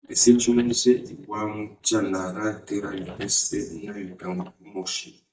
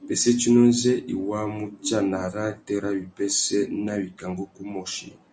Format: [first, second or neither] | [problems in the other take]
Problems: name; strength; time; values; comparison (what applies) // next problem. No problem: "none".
second | noise reduction (neural mask model DeepFilterNet 3)